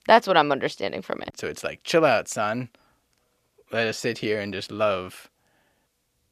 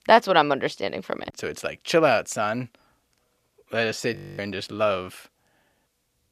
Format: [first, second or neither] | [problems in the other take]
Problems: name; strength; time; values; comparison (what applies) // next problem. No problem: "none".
first | audio freezing; at 4 s